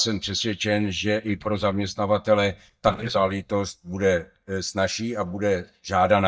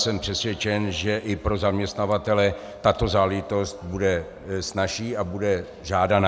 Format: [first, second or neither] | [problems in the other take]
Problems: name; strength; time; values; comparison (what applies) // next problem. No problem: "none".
second | noise reduction (neural mask model DeepFilterNet 3)